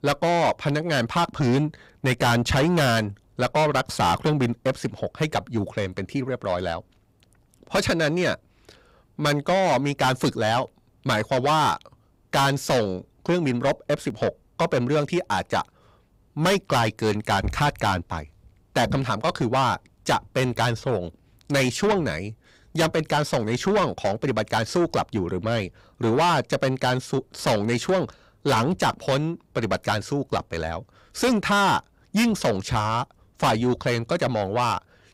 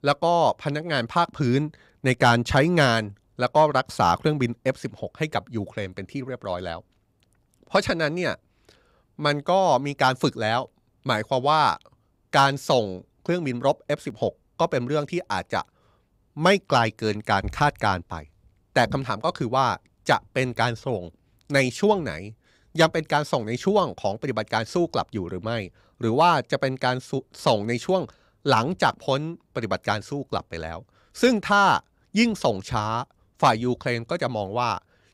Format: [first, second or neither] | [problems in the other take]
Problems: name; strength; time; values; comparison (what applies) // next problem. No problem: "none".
second | distortion; heavy; 6 dB below the speech